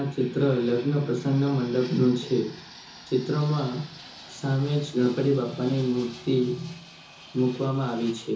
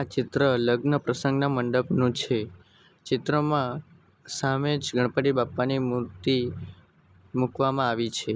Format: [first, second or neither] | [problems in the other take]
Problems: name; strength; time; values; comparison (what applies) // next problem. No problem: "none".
second | background sound (Fixed-wing aircraft, airplane); 20 dB below the speech // room echo; dies away in 0.6 s